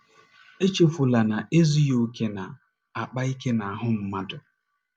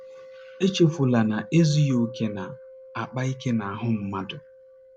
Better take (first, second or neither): first